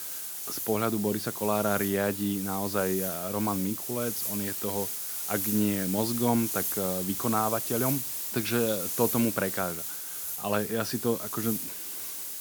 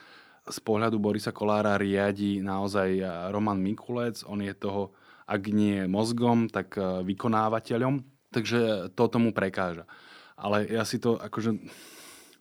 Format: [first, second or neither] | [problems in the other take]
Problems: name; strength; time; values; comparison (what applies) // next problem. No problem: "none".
second | hiss; loud; throughout; 2 dB below the speech